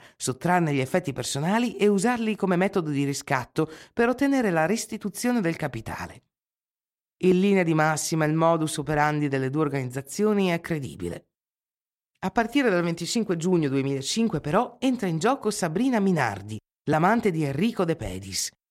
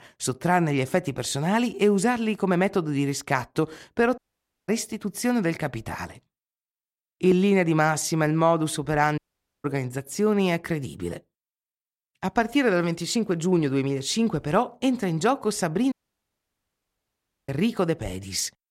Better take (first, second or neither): first